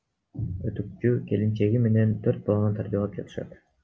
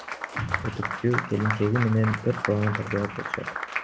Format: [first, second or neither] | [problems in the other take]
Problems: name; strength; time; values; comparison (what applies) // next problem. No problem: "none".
first | background sound (Applause); 6 dB below the speech